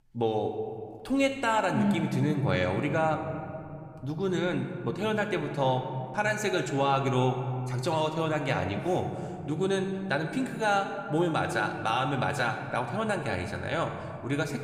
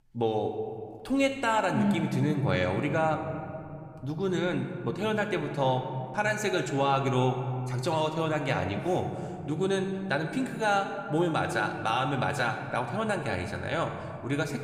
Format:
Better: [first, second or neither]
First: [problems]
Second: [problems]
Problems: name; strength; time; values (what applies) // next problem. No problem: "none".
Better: neither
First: room echo; slight; dies away in 2 s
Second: room echo; slight; dies away in 2 s